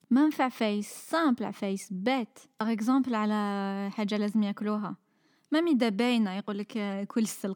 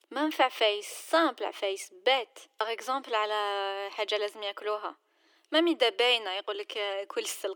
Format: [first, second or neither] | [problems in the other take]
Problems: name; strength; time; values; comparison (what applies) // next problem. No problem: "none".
first | thin; very; fading below 350 Hz